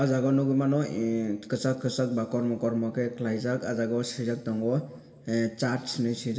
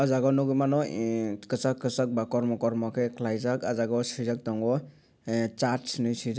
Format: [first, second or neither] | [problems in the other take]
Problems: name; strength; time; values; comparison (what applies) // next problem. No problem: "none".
second | room echo; dies away in 1.4 s